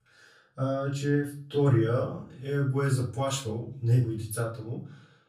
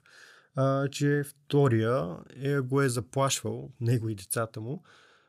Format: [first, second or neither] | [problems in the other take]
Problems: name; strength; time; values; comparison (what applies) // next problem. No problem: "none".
second | off-mic speech; far // room echo; slight; dies away in 0.4 s